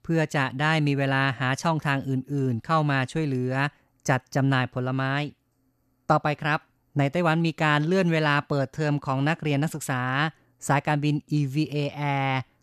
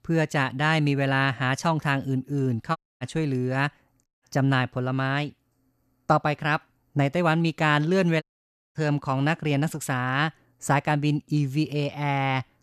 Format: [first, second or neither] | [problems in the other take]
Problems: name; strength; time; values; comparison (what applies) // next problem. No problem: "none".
first | audio cutting out; at 3 s, at 4 s and at 8 s for 0.5 s